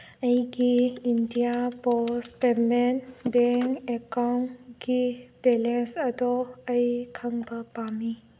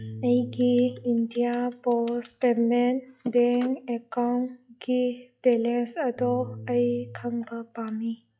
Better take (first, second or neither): first